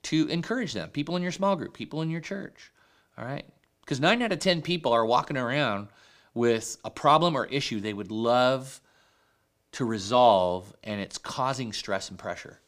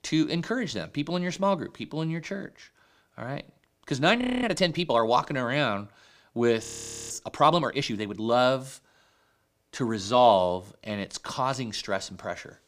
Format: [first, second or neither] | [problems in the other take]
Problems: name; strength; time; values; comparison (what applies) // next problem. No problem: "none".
first | audio freezing; at 4 s and at 6.5 s